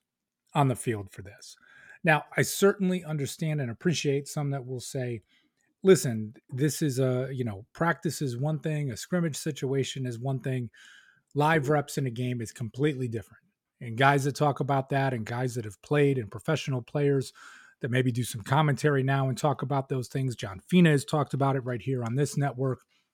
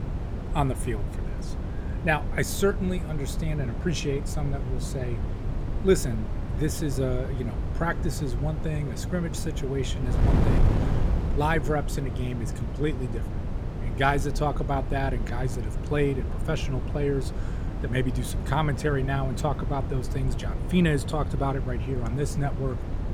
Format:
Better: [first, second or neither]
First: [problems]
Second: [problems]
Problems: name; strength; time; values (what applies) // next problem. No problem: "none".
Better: first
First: none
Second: wind noise on the microphone; heavy; 9 dB below the speech